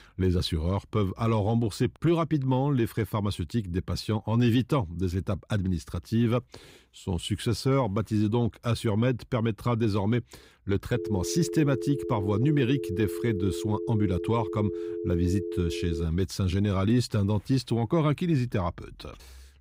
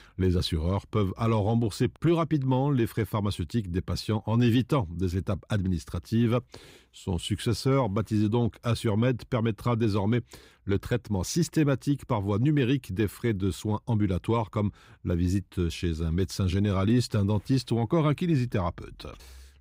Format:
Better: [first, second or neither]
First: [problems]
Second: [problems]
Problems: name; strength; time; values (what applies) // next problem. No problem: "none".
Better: second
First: phone ringing; noticeable; from 11 to 16 s; peak 6 dB below the speech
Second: none